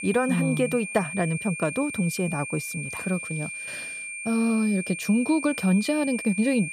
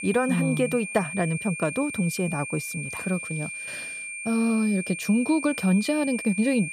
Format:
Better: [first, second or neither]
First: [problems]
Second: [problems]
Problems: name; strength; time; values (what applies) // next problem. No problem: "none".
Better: neither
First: high-pitched whine; loud; throughout; 2.5 kHz, 7 dB below the speech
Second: high-pitched whine; loud; throughout; 2.5 kHz, 7 dB below the speech